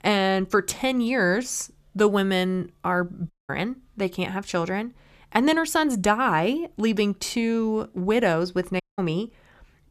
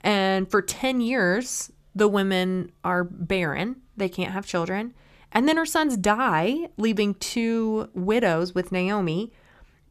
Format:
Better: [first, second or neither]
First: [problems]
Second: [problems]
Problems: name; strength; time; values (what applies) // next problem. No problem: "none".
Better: second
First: audio cutting out; at 3.5 s and at 9 s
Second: none